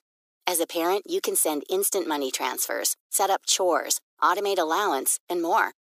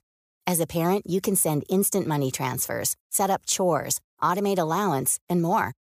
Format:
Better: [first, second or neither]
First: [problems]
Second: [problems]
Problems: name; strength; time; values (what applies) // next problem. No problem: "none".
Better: second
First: thin; somewhat; fading below 300 Hz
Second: none